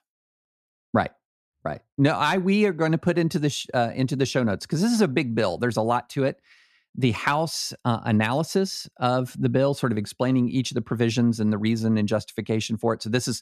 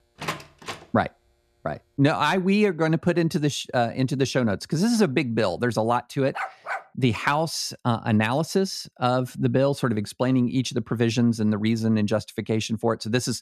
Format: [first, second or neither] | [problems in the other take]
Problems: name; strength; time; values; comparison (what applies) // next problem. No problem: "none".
first | door banging; noticeable; at the start; peak 8 dB below the speech // dog barking; noticeable; at 6.5 s; peak 7 dB below the speech